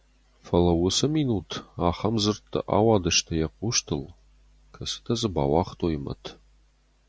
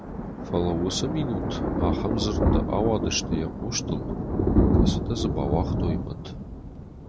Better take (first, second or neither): first